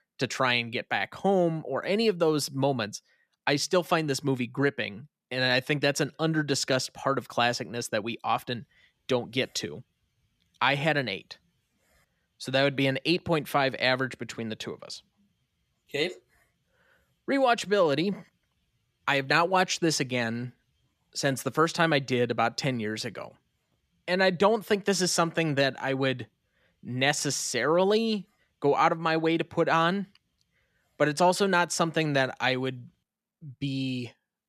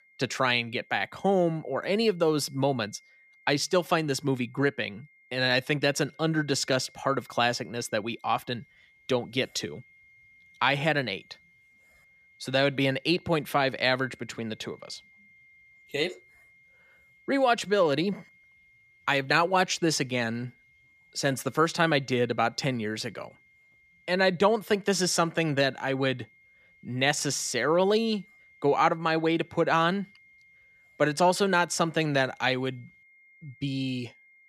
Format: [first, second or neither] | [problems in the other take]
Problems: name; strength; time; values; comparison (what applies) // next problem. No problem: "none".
first | high-pitched whine; faint; throughout; 2 kHz, 30 dB below the speech